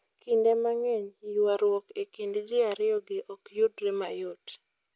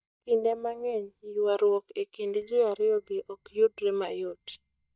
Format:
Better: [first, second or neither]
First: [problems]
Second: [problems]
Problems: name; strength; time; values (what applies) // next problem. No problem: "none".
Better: first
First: none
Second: noise reduction (neural mask model DeepFilterNet 3)